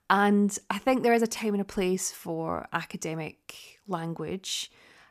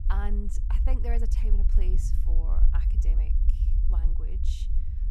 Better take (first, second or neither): first